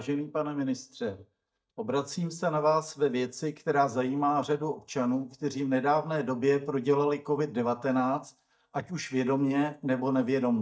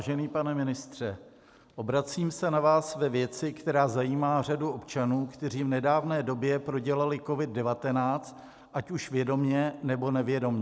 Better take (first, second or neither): second